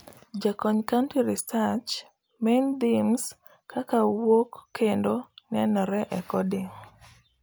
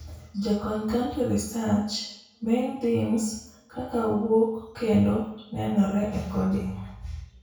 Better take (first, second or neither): first